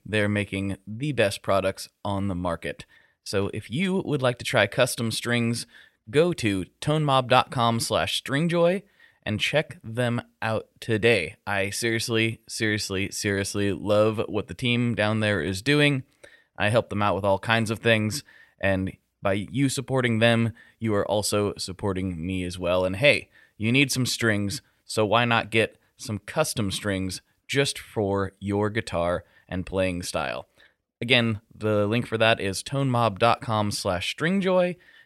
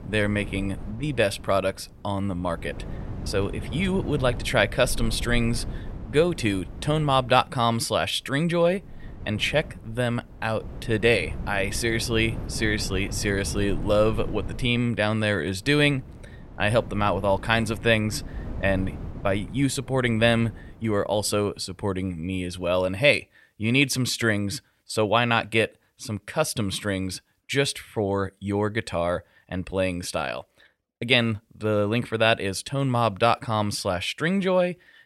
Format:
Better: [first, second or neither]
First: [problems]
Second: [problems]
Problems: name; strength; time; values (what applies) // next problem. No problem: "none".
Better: first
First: none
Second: wind noise on the microphone; occasional gusts; until 23 s; 20 dB below the speech